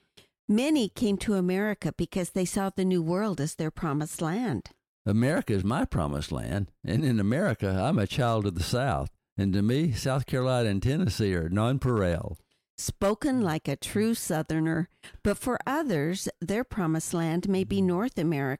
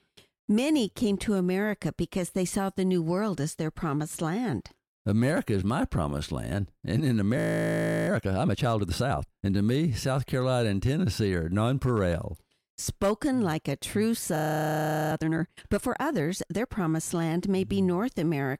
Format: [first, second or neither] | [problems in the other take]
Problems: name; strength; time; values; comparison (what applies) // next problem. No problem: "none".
first | audio freezing; at 7.5 s for 0.5 s and at 14 s for 1 s